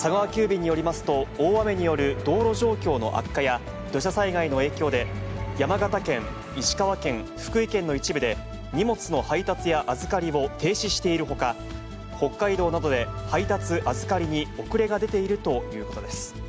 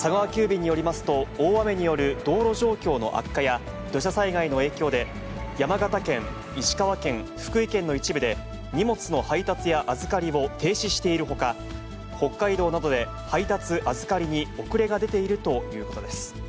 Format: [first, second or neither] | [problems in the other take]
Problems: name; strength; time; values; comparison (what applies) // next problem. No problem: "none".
second | background sound (Bowed string instrument); 11 dB below the speech